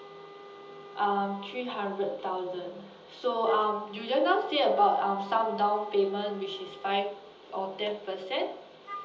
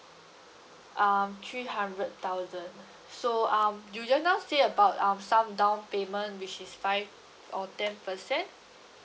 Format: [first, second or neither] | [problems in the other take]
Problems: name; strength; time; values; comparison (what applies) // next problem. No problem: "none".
second | background sound (Wind instrument, woodwind instrument); 18 dB below the speech // room echo; dies away in 1.2 s